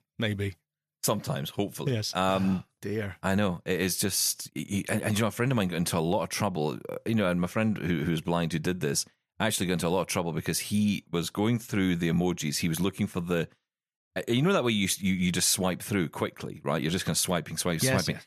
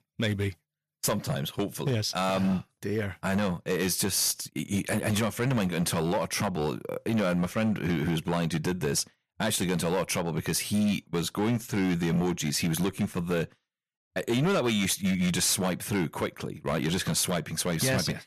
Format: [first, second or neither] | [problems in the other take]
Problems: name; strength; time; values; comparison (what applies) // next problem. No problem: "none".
first | distortion; slight; 9% of the sound clipped